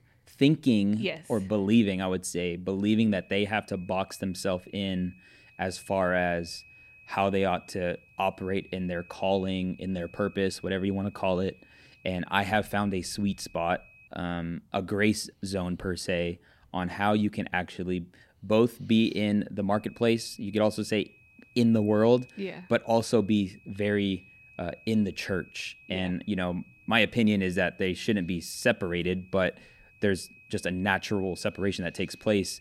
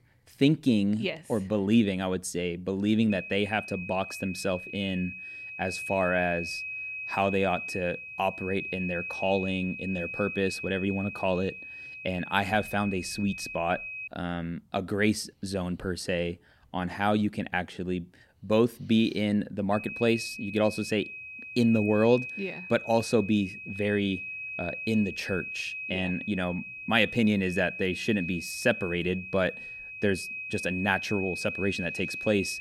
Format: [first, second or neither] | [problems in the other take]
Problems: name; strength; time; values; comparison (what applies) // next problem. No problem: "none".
first | high-pitched whine; loud; from 3 to 14 s and from 20 s on; 2.5 kHz, 7 dB below the speech; faint in the first